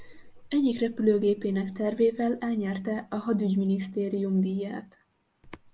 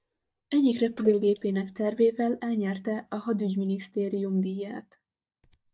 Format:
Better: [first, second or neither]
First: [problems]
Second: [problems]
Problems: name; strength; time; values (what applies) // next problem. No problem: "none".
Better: first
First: none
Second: noise reduction (neural mask model DeepFilterNet 3)